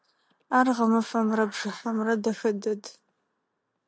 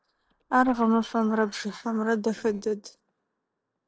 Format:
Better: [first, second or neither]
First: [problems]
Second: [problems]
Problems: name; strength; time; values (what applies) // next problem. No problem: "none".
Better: first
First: none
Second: noise reduction (neural separator model SepFormer DNS4)